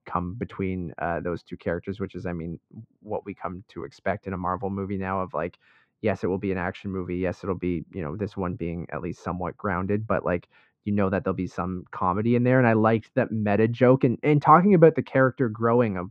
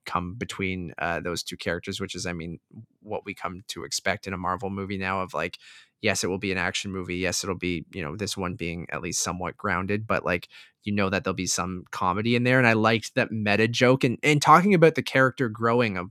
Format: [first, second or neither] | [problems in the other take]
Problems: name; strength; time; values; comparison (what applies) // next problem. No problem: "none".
second | muffled; very; fading above 3.5 kHz